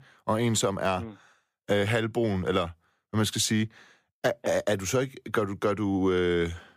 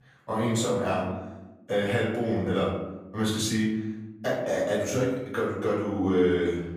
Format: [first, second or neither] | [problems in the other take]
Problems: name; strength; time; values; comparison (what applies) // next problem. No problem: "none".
first | room echo; noticeable; dies away in 0.9 s // off-mic speech; far